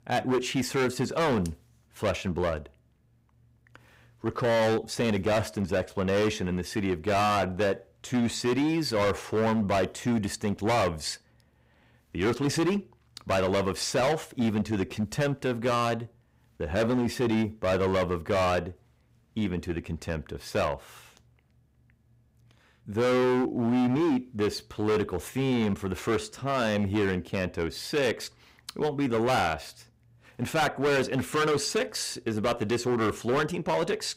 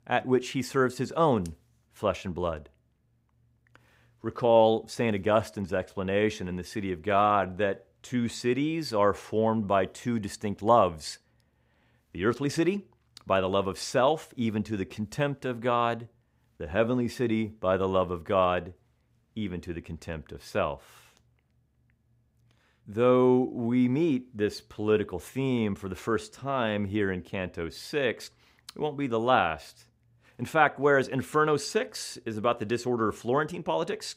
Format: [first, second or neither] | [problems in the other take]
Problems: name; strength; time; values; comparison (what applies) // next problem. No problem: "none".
second | distortion; heavy; 14% of the sound clipped